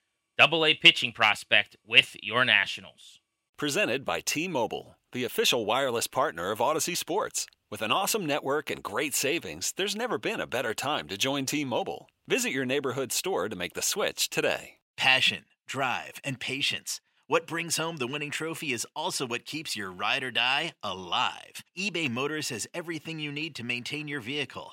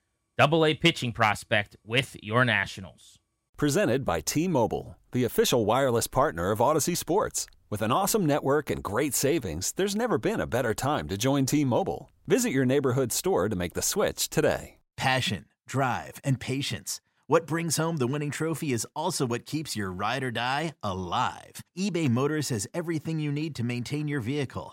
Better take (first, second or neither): second